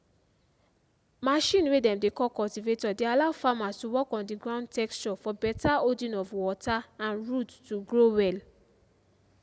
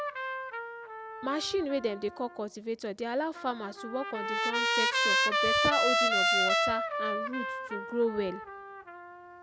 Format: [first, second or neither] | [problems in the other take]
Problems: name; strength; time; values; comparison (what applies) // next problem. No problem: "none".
first | background sound (Trumpet); 4 dB above the speech